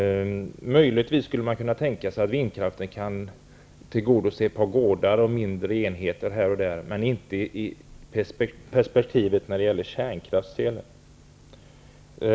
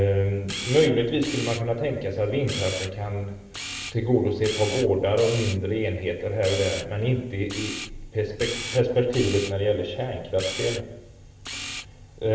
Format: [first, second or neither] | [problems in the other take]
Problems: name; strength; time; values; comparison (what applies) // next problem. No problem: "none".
first | background sound (Camera); 12 dB below the speech // room echo; dies away in 0.9 s